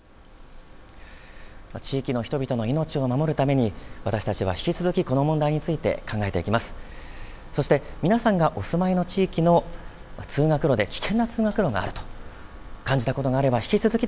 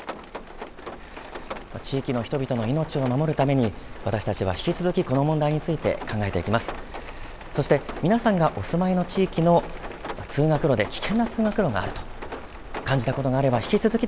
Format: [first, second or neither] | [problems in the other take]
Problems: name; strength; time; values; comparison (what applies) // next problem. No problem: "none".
first | background sound (Rain); 14 dB below the speech